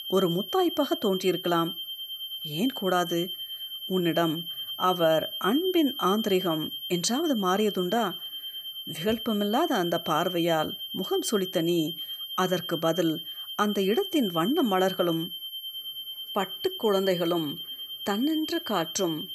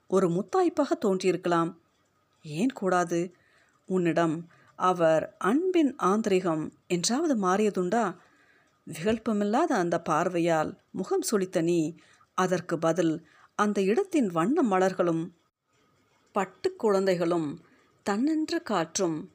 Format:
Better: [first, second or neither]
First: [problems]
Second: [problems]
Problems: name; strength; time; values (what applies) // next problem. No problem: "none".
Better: second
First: high-pitched whine; loud; throughout; 3 kHz, 7 dB below the speech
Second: none